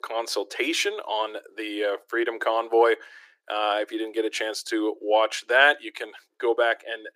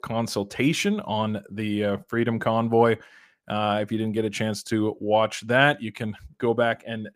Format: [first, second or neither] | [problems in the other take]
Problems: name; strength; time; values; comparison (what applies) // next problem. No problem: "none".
second | thin; very; fading below 300 Hz